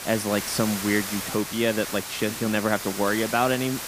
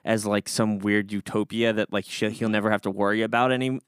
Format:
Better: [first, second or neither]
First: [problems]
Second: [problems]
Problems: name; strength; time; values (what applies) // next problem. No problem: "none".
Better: second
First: hiss; loud; throughout; 6 dB below the speech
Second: none